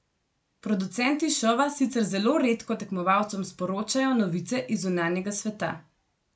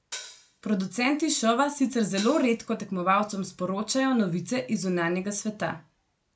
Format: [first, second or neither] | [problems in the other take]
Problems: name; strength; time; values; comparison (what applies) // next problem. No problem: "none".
first | background sound (Hi-hat); 15 dB below the speech